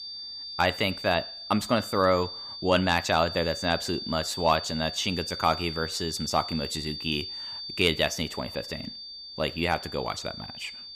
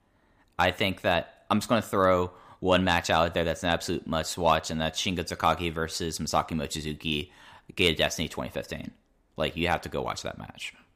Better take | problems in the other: second | high-pitched whine; loud; throughout; 4.5 kHz, 8 dB below the speech

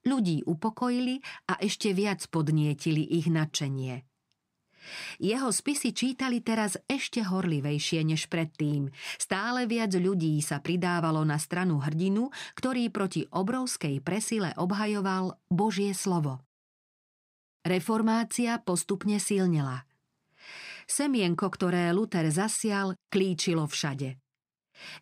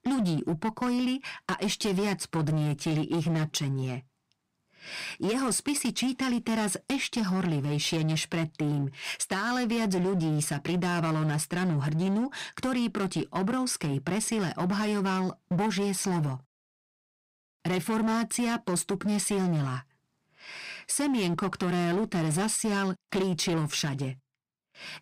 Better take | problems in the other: first | distortion; slight; 18% of the sound clipped

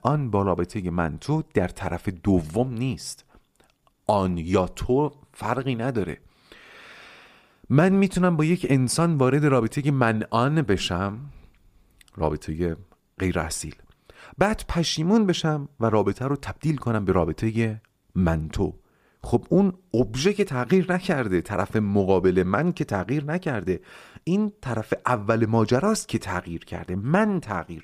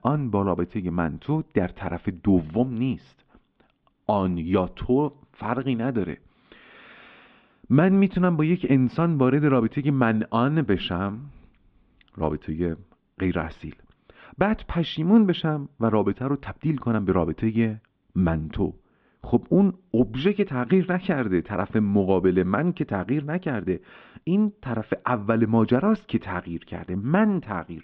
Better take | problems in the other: first | muffled; very; fading above 3.5 kHz

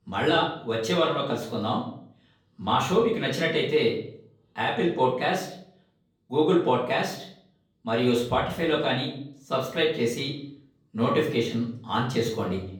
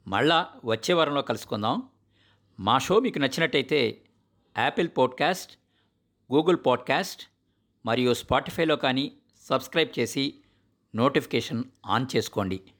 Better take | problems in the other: second | room echo; slight; dies away in 0.5 s // off-mic speech; far

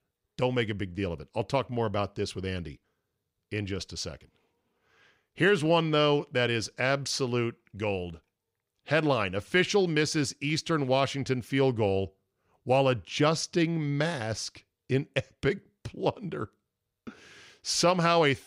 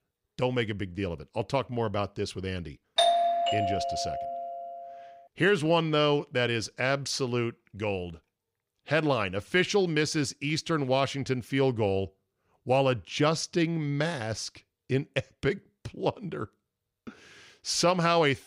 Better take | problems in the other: first | doorbell; loud; from 3 to 4.5 s; peak 5 dB above the speech

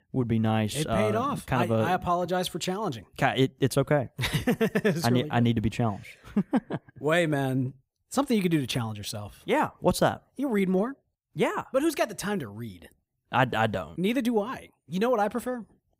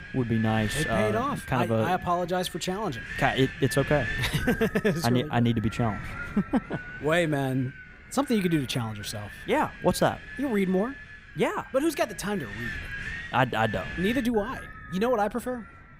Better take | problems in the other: first | wind noise on the microphone; heavy; 8 dB below the speech

